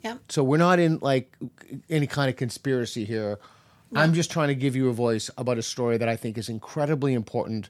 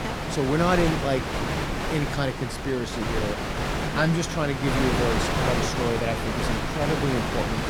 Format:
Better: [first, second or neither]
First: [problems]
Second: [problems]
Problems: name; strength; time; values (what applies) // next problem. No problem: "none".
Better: first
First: none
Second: wind noise on the microphone; heavy; 1 dB above the speech